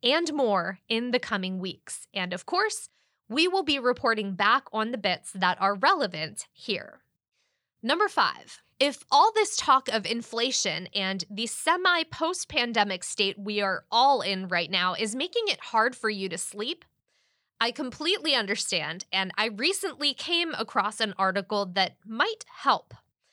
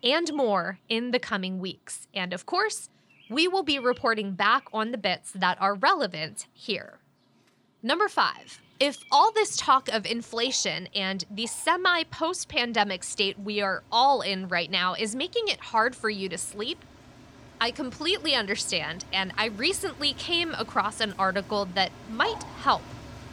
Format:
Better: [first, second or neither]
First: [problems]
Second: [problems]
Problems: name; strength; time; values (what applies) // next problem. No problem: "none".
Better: first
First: none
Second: animal sounds; faint; throughout; 20 dB below the speech